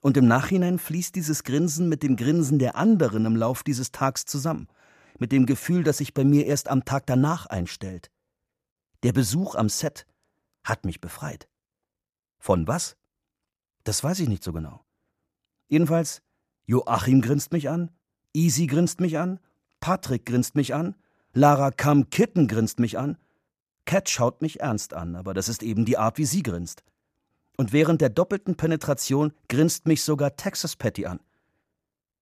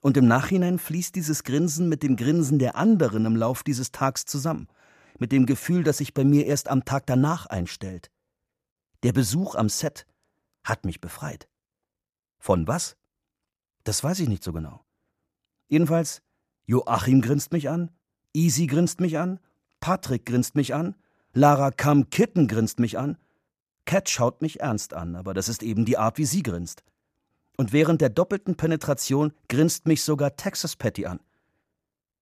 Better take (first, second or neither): neither